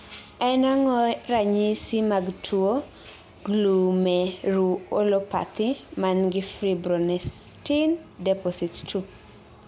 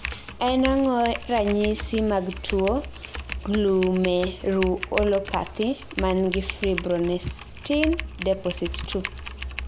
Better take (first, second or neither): first